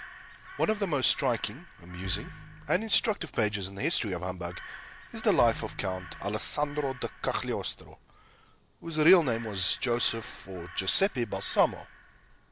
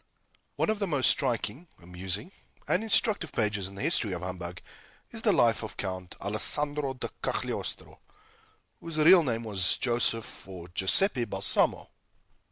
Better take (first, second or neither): second